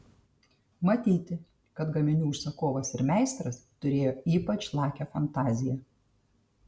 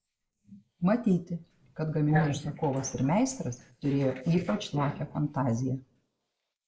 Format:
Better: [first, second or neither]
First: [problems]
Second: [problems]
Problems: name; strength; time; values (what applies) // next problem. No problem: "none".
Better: first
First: none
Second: noise reduction (neural mask model Resemble Enhance denoiser)